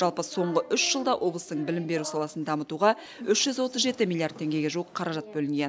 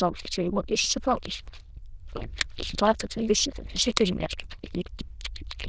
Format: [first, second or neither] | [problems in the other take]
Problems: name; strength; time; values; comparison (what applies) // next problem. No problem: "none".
first | noise reduction (neural diffusion model UNIVERSE++)